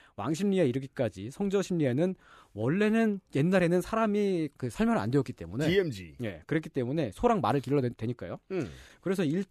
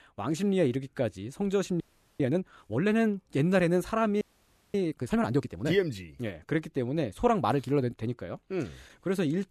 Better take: first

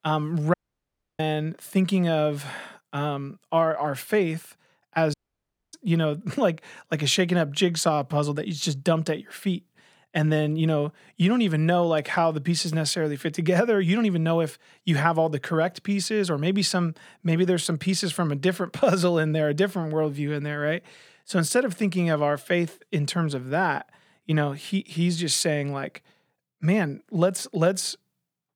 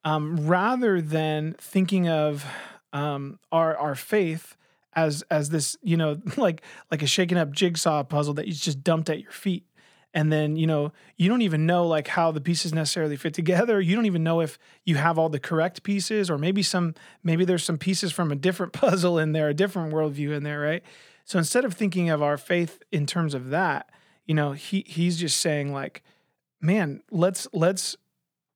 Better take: second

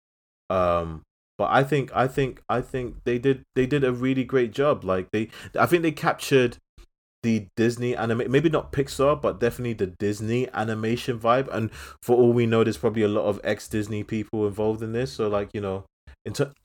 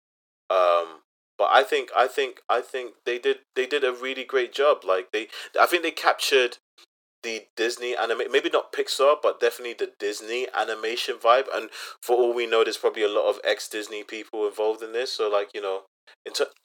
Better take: first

